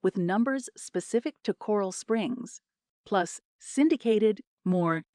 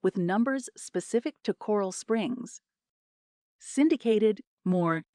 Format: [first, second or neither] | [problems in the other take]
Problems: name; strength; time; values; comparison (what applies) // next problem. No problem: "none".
first | audio cutting out; at 3 s